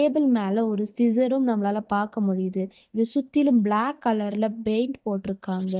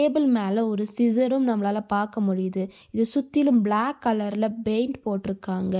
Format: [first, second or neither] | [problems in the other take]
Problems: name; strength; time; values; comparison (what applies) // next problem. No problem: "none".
second | noise reduction (neural mask model DeepFilterNet 3)